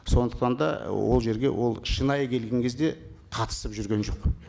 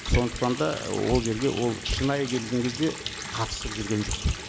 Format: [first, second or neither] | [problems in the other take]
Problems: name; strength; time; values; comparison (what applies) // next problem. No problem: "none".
first | background sound (Water tap, faucet); 9 dB below the speech